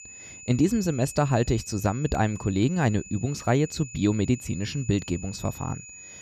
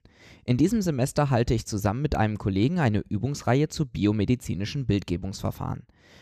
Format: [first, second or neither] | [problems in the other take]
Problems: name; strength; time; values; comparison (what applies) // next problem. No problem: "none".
second | high-pitched whine; noticeable; throughout; 7 kHz, 15 dB below the speech